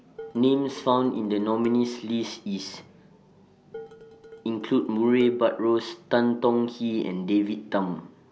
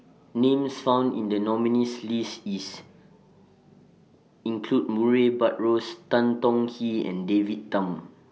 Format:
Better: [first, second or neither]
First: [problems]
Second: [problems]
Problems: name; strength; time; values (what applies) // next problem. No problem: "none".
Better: second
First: background sound (Dishes, pots, and pans); 20 dB below the speech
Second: none